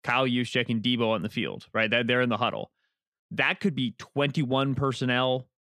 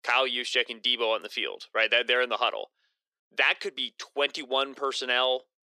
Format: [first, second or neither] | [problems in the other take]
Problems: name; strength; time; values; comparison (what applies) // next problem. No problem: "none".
first | thin; very; fading below 350 Hz